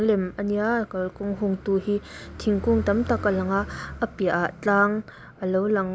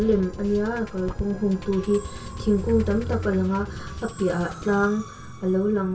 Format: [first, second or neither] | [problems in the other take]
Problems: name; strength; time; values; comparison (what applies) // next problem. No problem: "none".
first | background sound (Musical instrument); 13 dB below the speech // room echo; dies away in 0.2 s